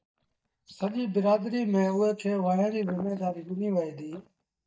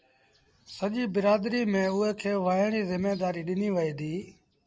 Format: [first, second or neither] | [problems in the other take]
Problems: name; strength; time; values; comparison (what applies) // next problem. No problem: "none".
second | noise reduction (neural mask model DeepFilterNet 3)